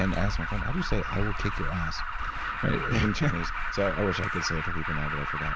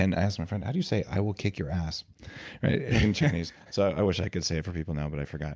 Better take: second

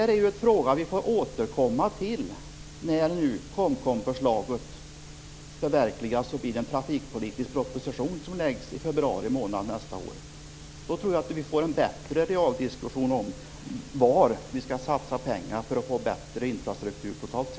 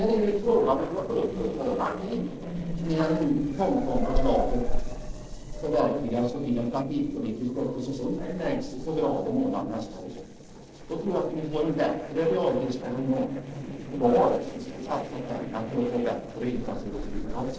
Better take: first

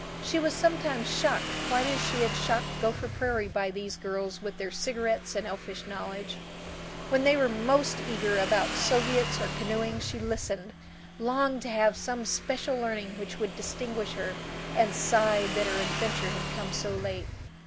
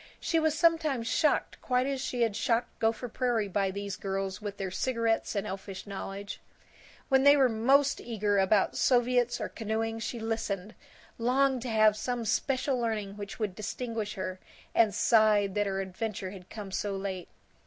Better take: second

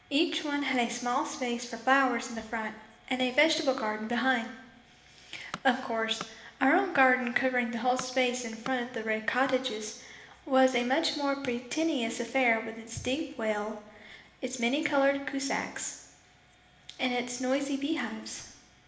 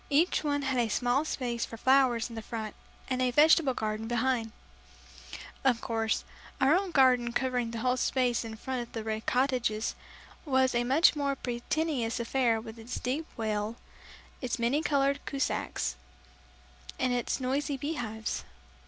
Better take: second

